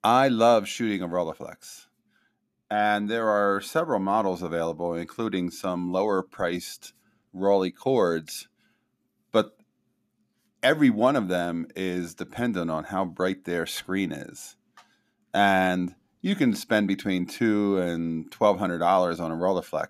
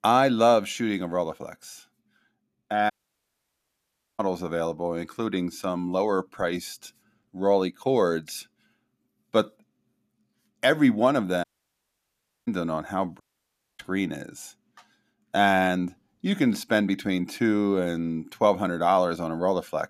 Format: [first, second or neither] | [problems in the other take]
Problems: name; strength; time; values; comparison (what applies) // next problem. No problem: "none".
first | audio cutting out; at 3 s for 1.5 s, at 11 s for 1 s and at 13 s for 0.5 s